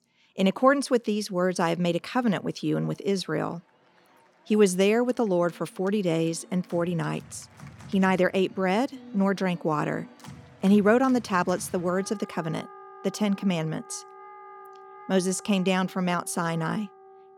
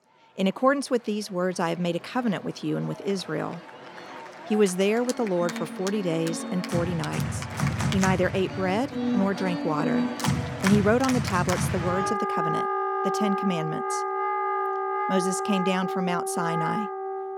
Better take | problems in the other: first | background music; loud; throughout; 2 dB below the speech; faint in the first

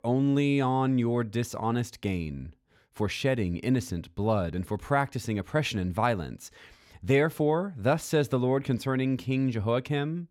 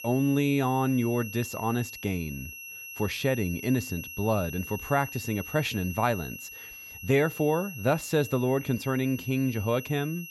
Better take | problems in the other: first | high-pitched whine; noticeable; throughout; 2.5 kHz, 10 dB below the speech

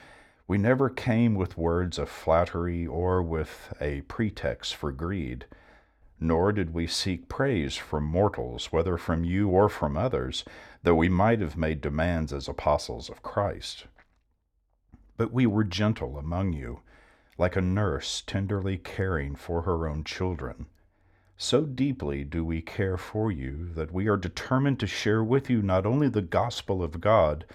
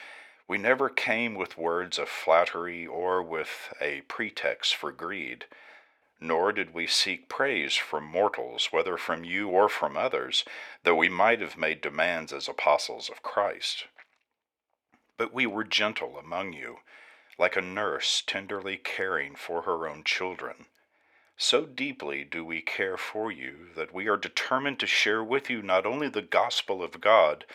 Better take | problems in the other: first | thin; very; fading below 500 Hz

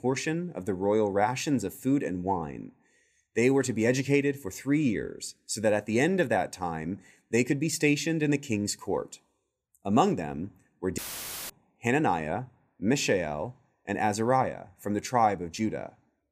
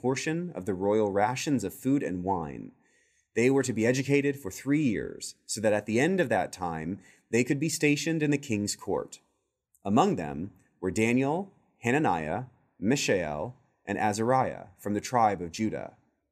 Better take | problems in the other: second | audio cutting out; filled with static; at 11 s for 0.5 s

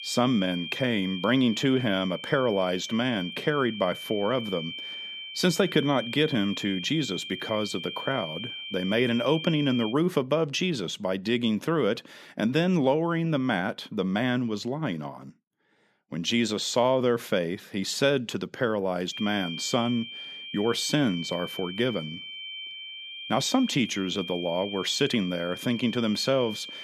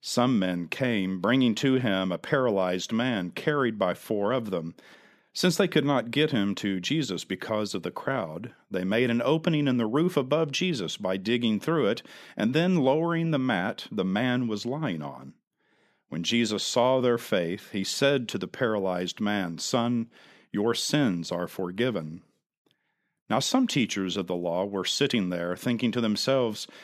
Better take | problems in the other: second | high-pitched whine; loud; until 10 s and from 19 s on; 3 kHz, 9 dB below the speech

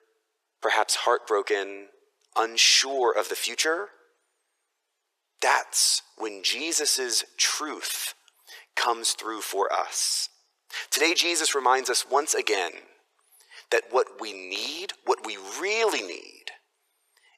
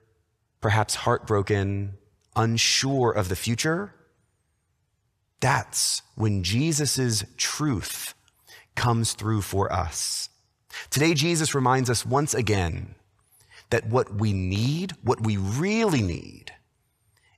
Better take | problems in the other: second | thin; very; fading below 400 Hz

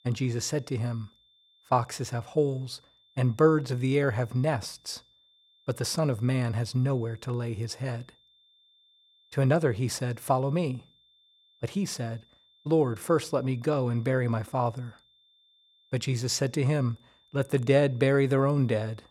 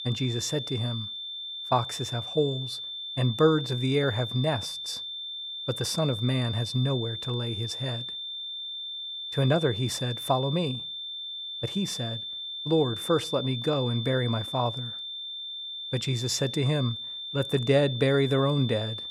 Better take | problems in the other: first | high-pitched whine; loud; throughout; 3.5 kHz, 6 dB below the speech; faint in the first

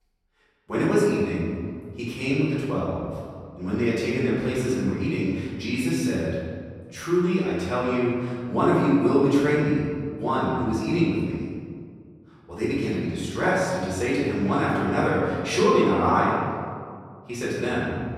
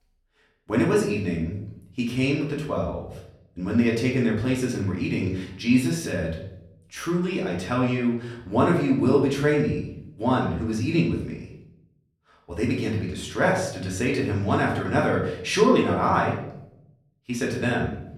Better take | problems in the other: second | room echo; strong; dies away in 1.8 s; slight in the second // off-mic speech; far; far in the second

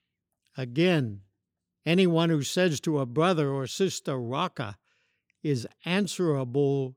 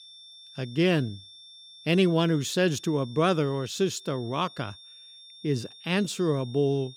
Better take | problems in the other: first | high-pitched whine; noticeable; throughout; 3.5 kHz, 20 dB below the speech

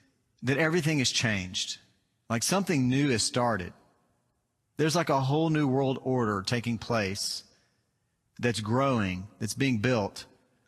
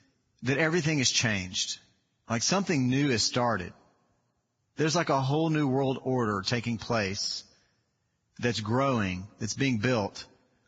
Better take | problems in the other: first | garbled, watery; badly; slightly in the first

